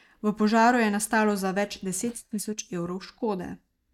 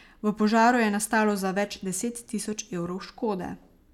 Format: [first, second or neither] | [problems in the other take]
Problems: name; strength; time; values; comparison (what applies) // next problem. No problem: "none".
second | noise reduction (neural mask model DeepFilterNet 3)